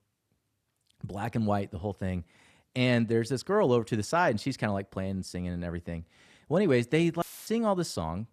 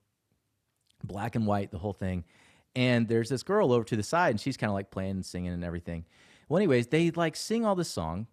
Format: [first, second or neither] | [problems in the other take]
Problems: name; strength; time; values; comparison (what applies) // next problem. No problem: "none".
second | audio cutting out; filled with static; at 7 s